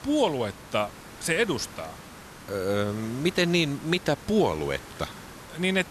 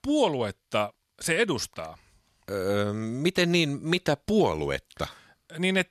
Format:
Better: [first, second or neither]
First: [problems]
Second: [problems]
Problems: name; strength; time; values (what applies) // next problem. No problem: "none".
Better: second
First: hiss; noticeable; throughout; 15 dB below the speech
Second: none